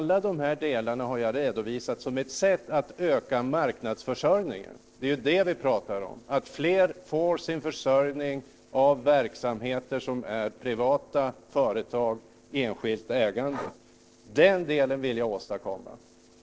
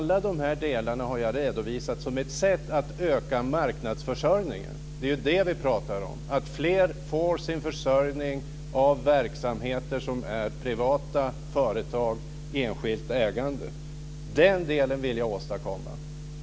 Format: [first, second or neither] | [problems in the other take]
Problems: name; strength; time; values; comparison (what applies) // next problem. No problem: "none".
second | noise reduction (neural separator model SepFormer DNS4)